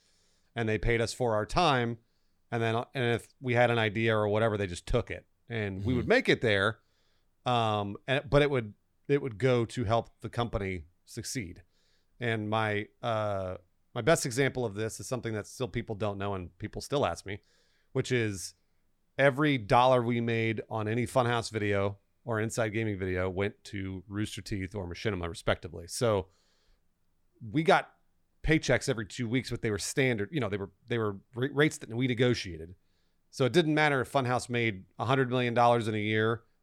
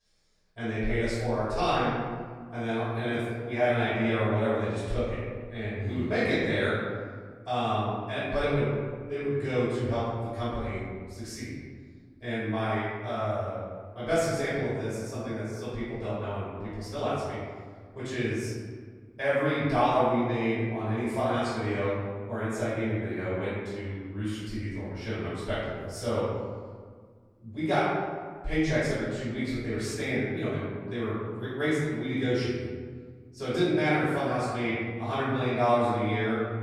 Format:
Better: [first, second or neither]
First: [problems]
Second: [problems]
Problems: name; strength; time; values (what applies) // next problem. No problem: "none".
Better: first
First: none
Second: room echo; strong; dies away in 1.6 s // off-mic speech; far